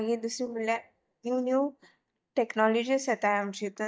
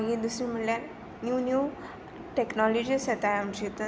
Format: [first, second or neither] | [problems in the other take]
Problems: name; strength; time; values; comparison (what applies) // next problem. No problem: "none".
second | noise reduction (neural mask model DeepFilterNet 3)